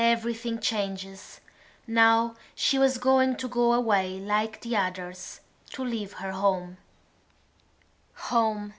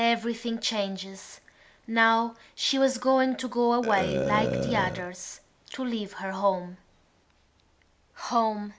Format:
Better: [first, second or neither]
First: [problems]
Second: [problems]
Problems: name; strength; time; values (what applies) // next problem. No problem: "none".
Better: first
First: none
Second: background sound (Burping, eructation); 5 dB below the speech